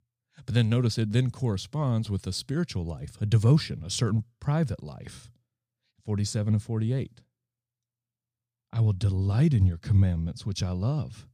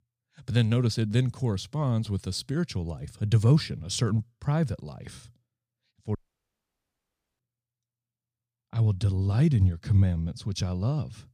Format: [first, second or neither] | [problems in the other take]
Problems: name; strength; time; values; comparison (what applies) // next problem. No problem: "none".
first | audio cutting out; at 6 s for 1 s